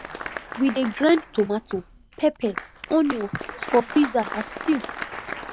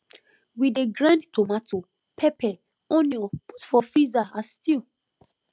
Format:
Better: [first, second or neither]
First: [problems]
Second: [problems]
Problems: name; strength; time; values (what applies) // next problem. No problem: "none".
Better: second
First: background sound (Applause); 11 dB below the speech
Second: none